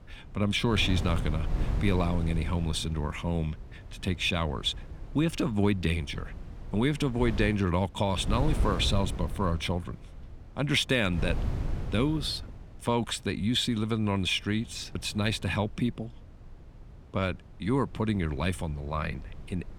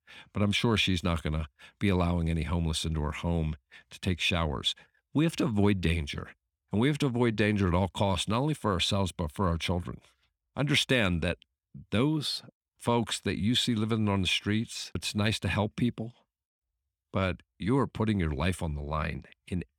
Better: second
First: wind noise on the microphone; occasional gusts; 15 dB below the speech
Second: none

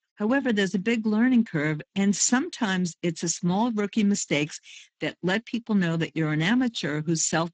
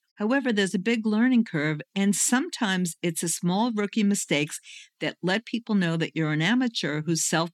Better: second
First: garbled, watery; badly; nothing above 7.5 kHz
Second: none

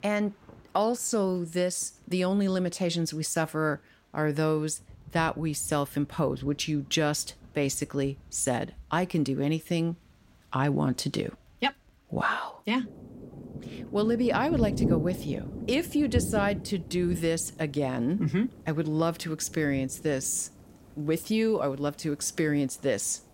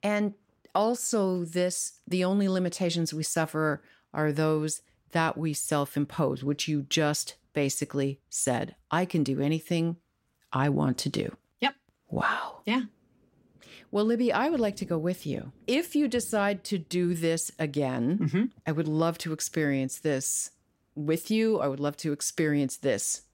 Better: second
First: rain or running water; loud; throughout; 8 dB below the speech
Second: rain or running water; faint; throughout; 30 dB below the speech

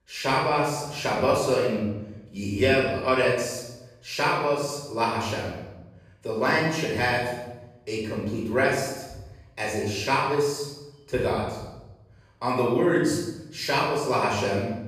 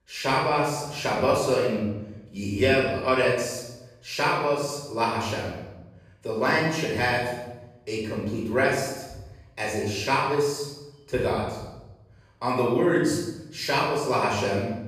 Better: neither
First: off-mic speech; far // room echo; noticeable; dies away in 0.9 s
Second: off-mic speech; far // room echo; noticeable; dies away in 0.9 s

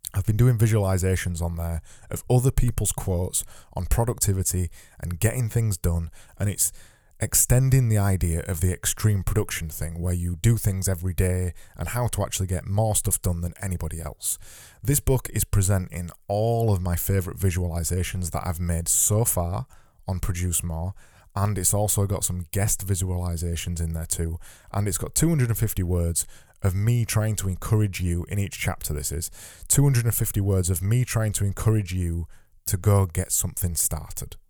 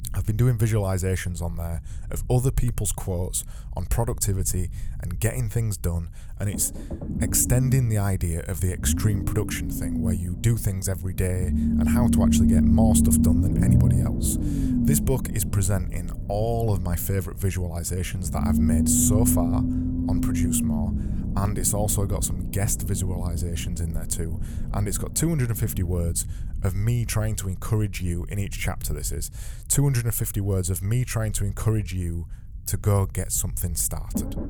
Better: first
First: none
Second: low rumble; loud; throughout; 2 dB below the speech

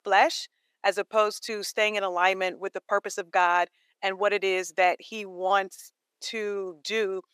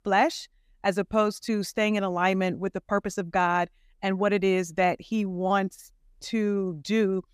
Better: second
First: thin; very; fading below 400 Hz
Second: none

